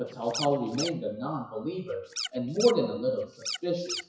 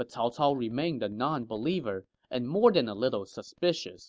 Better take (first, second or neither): second